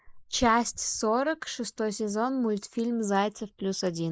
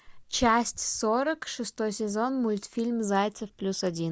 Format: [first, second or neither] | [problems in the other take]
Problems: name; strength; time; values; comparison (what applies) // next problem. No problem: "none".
second | noise reduction (neural mask model Resemble Enhance denoiser)